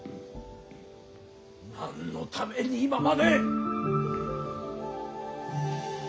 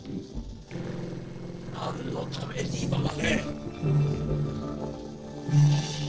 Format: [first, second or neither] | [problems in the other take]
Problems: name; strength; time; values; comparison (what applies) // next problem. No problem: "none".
first | noise reduction (neural separator model SepFormer DNS4)